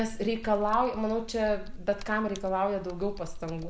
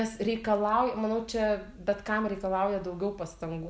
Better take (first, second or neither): second